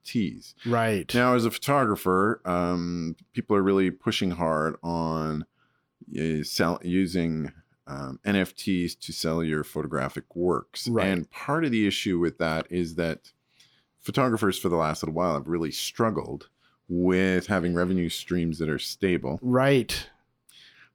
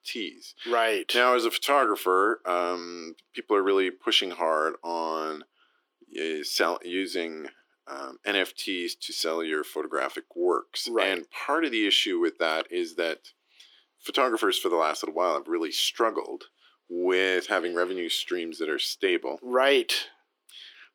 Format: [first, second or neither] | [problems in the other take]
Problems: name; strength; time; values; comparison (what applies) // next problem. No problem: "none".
first | thin; somewhat; fading below 350 Hz